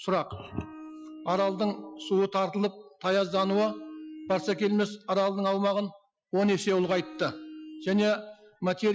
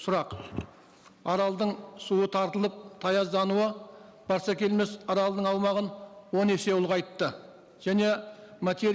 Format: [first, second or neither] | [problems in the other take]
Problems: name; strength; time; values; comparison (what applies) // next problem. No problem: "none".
second | noise reduction (classical method Wiener filter)